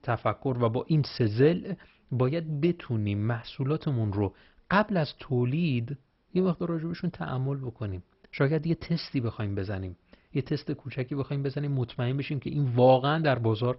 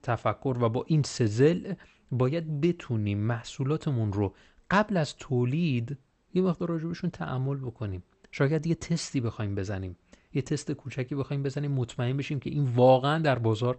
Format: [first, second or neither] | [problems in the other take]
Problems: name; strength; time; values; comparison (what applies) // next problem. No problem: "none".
second | garbled, watery; badly; nothing above 5.5 kHz; slightly in the second